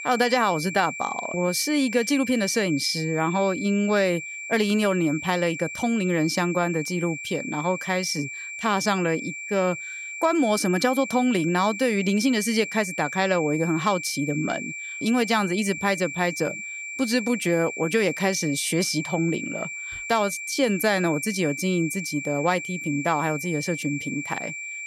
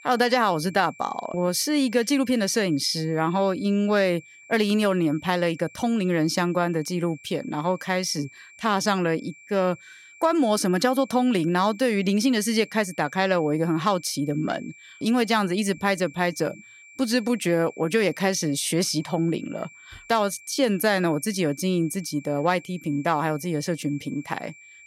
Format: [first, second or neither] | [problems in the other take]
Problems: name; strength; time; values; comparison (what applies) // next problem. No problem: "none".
second | high-pitched whine; loud; throughout; 2.5 kHz, 8 dB below the speech; faint in the second